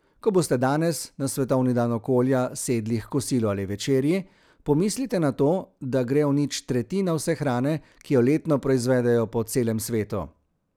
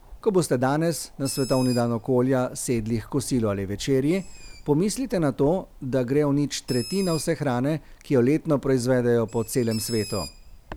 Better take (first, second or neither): first